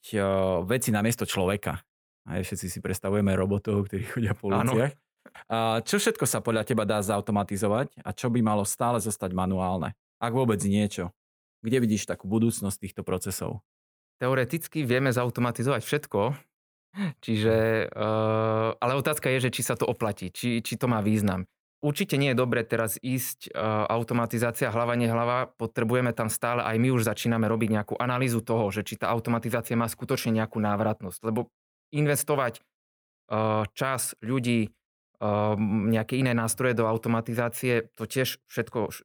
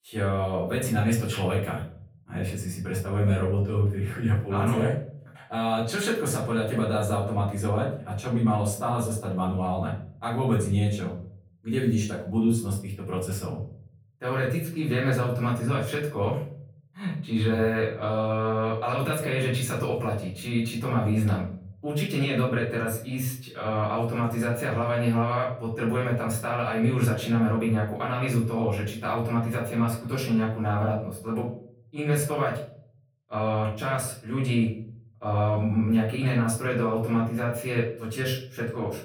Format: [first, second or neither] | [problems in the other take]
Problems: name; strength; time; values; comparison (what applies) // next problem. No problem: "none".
first | off-mic speech; far // room echo; slight; dies away in 0.5 s